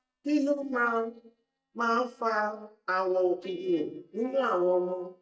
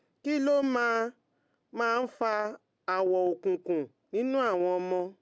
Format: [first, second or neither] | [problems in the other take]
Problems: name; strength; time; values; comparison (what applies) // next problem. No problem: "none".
second | noise reduction (neural mask model DeepFilterNet 3)